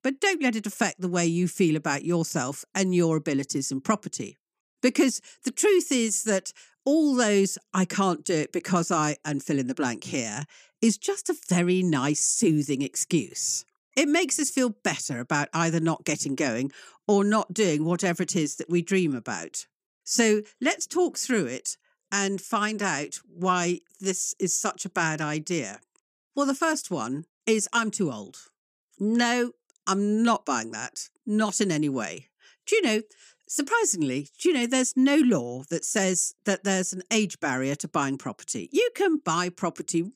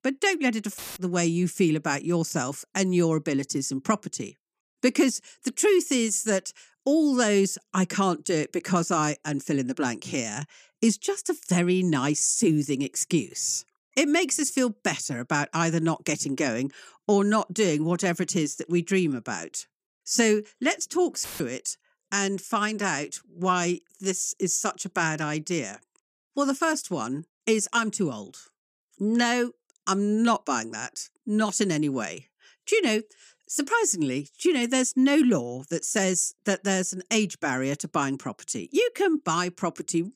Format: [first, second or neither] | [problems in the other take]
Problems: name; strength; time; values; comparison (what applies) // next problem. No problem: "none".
first | audio cutting out; filled with static; at 1 s and at 21 s